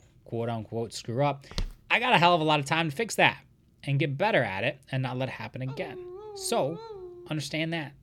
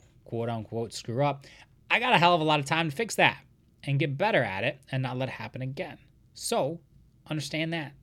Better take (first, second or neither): second